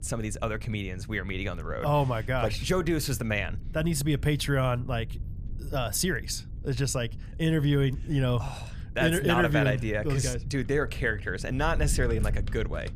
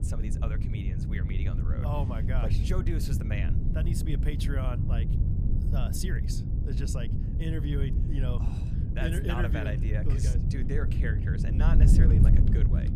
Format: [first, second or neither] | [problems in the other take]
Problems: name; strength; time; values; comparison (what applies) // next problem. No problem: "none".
first | wind noise on the microphone; heavy; 2 dB below the speech; occasional gusts in the first